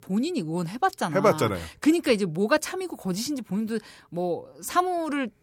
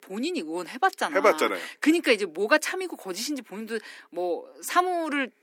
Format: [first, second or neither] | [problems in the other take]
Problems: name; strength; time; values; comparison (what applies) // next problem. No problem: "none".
first | thin; very slightly; fading below 250 Hz